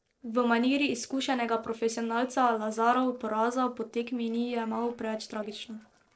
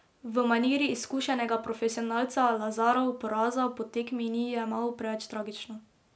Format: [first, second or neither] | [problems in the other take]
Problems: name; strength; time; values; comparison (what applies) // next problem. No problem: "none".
second | noise reduction (neural separator model SepFormer DNS4)